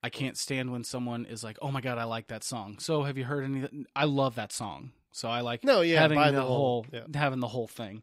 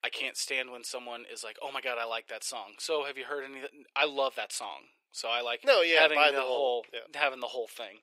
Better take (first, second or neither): first